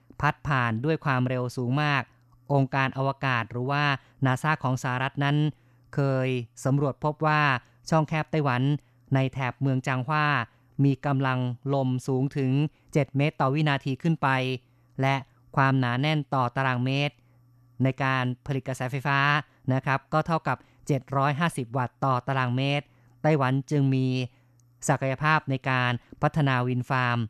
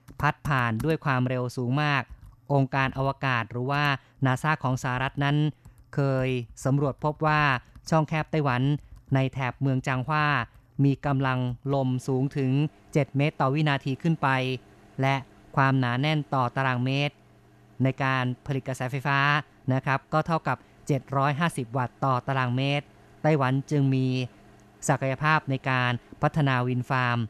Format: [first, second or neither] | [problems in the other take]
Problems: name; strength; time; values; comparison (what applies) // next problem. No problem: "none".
first | household noises; faint; throughout; 25 dB below the speech